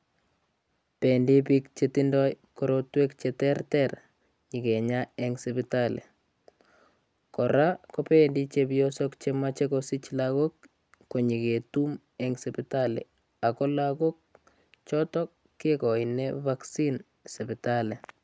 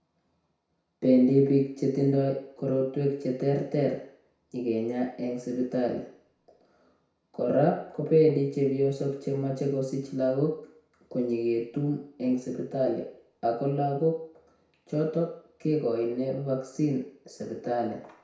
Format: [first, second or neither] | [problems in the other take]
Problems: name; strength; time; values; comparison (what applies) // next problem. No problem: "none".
first | room echo; dies away in 0.6 s